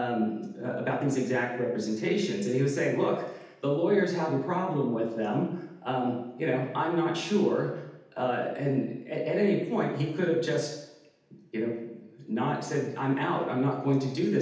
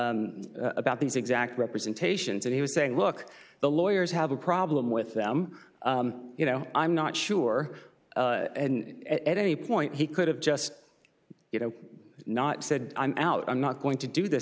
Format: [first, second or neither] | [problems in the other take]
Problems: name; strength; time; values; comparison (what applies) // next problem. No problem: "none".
second | room echo; dies away in 0.8 s